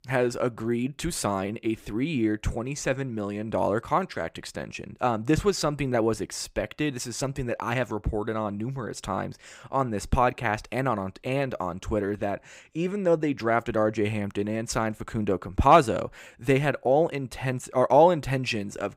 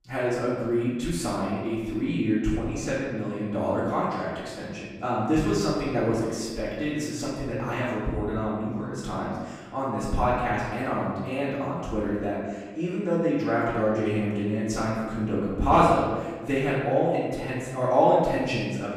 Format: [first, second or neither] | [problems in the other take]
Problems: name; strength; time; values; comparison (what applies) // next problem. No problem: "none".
first | off-mic speech; far // room echo; strong; dies away in 1.3 s